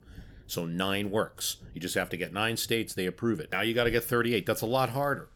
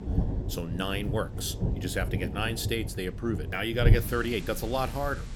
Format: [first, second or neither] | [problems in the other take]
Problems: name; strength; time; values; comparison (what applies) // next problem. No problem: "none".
first | rain or running water; loud; throughout; 1 dB below the speech; faint in the first